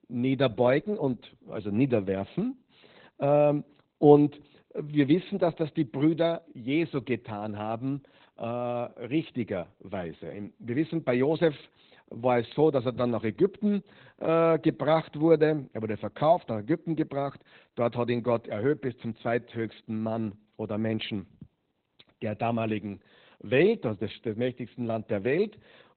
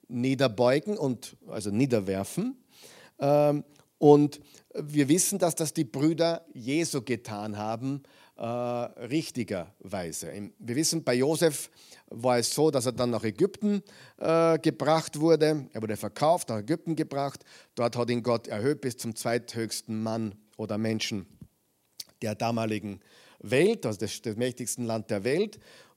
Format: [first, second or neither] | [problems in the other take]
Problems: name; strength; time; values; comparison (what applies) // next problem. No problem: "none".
second | garbled, watery; badly; nothing above 4 kHz